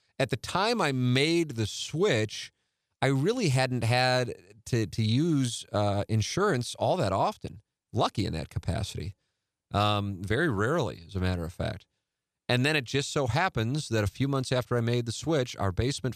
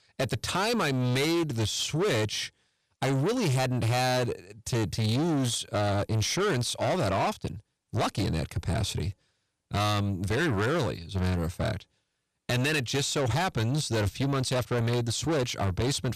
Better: first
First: none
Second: distortion; heavy; 7 dB below the speech

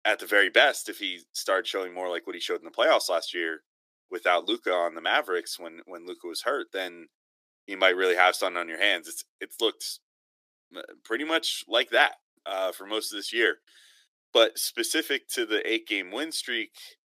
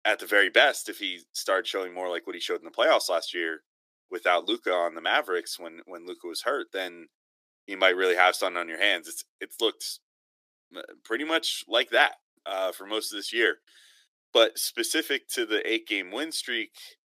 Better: neither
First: thin; somewhat; fading below 300 Hz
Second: thin; somewhat; fading below 300 Hz

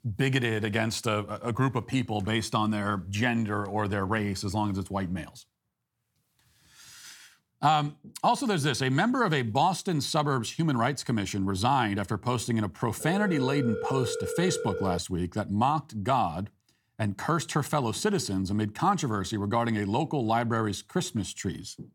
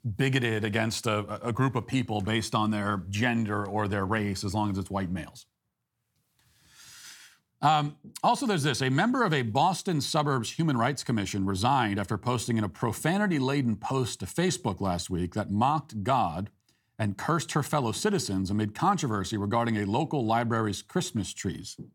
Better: second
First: phone ringing; noticeable; from 13 to 15 s; peak 5 dB below the speech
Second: none

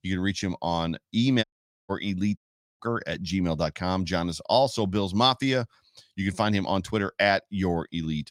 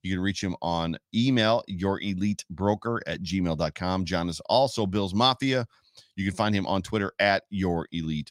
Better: second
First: audio cutting out; at 1.5 s and at 2.5 s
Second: none

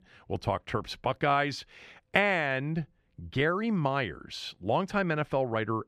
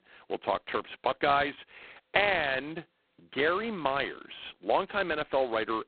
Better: first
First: none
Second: phone-call audio; poor line; nothing above 4 kHz

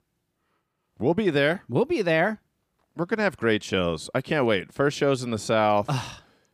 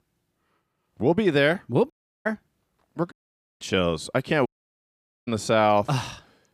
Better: first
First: none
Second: audio cutting out; at 2 s, at 3 s and at 4.5 s for 1 s

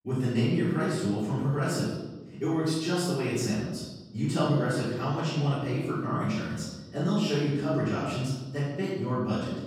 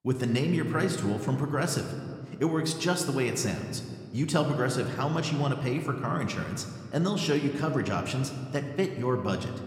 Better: second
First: room echo; strong; dies away in 1.2 s // off-mic speech; far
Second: room echo; slight; dies away in 1.8 s

